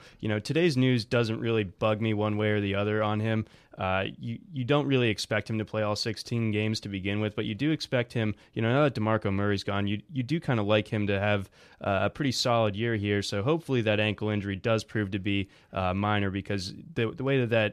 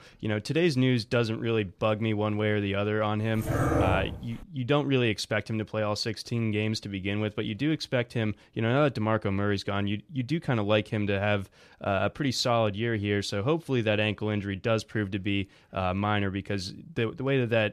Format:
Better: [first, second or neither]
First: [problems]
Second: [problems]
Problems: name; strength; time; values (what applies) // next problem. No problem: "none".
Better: first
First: none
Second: dog barking; loud; from 3.5 to 4.5 s; peak 3 dB above the speech